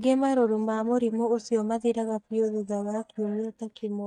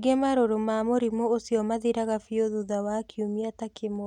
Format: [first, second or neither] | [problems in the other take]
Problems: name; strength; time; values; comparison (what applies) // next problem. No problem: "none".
second | noise reduction (neural mask model DeepFilterNet 3)